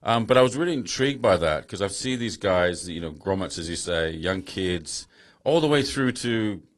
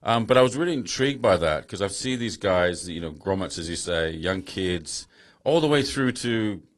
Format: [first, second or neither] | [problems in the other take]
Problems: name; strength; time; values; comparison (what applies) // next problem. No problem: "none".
neither | garbled, watery; slightly; the same in both